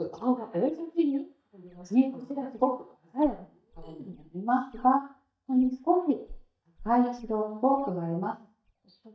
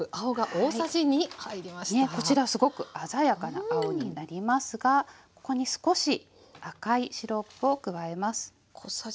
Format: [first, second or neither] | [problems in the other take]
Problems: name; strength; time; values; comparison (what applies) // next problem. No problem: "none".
second | noise reduction (neural mask model DeepFilterNet 3)